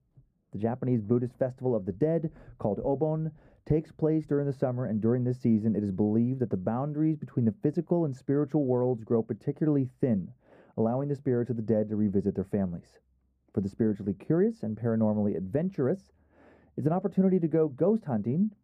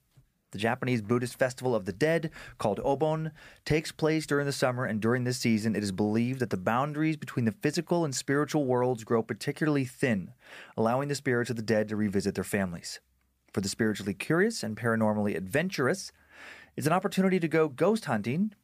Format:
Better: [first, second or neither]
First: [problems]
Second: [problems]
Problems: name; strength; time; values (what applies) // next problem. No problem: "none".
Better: second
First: muffled; very; fading above 1 kHz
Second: none